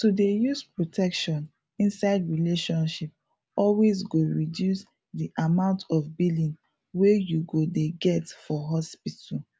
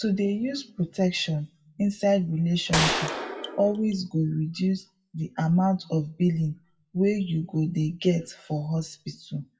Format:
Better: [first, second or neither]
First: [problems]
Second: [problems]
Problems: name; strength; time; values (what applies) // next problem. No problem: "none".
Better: first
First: none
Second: noise reduction (classical method WPE with log-MMSE)